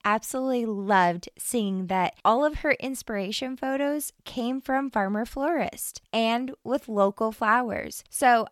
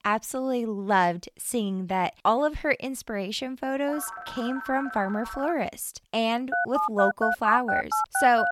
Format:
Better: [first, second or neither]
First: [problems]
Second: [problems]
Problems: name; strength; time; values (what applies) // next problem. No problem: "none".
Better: first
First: none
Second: phone ringing; noticeable; from 4 to 5.5 s; peak 9 dB below the speech // phone ringing; loud; from 6.5 s on; peak 1 dB above the speech